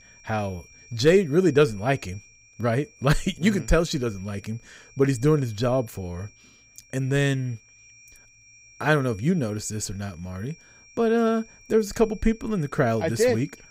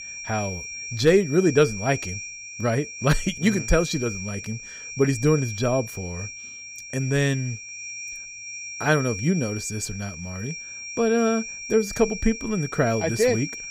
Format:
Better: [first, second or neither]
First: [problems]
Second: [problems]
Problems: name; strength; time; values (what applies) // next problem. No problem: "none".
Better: first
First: high-pitched whine; faint; throughout; 2.5 kHz, 25 dB below the speech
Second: high-pitched whine; loud; throughout; 2.5 kHz, 9 dB below the speech